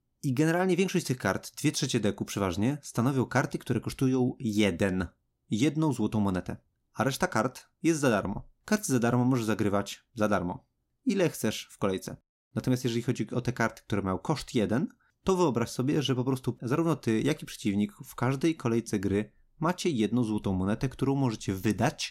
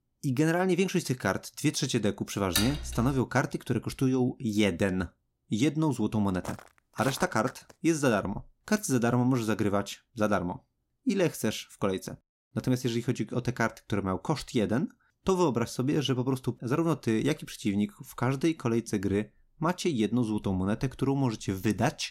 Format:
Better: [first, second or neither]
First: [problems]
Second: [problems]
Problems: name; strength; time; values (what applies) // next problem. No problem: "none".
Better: first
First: none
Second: clattering dishes; noticeable; at 2.5 s; peak level with the speech // footsteps; noticeable; from 6.5 to 7.5 s; peak 9 dB below the speech